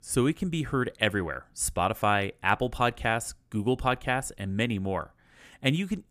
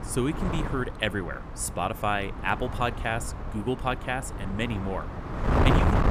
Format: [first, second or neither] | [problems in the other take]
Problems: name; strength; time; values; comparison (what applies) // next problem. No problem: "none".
first | wind noise on the microphone; heavy; 4 dB below the speech